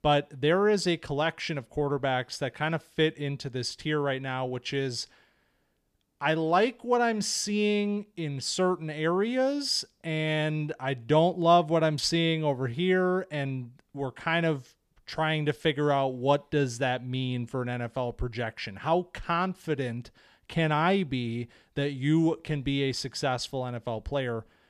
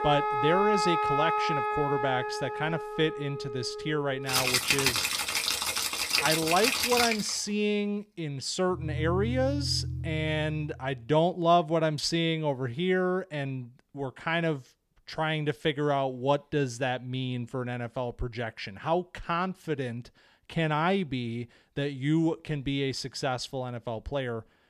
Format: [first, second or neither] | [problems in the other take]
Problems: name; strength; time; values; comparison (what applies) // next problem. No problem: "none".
first | background music; very loud; until 10 s; 1 dB above the speech